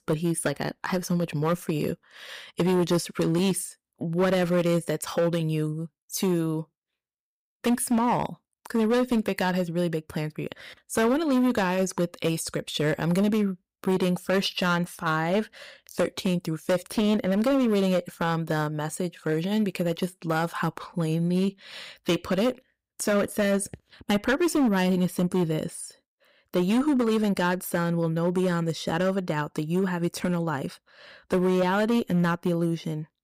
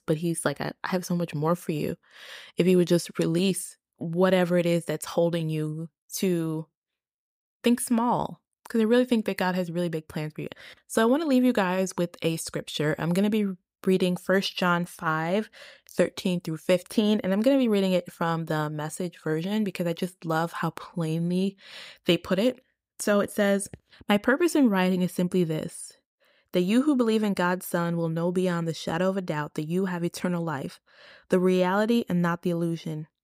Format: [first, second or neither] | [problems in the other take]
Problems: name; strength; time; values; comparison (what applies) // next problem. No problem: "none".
second | distortion; slight; 8% of the sound clipped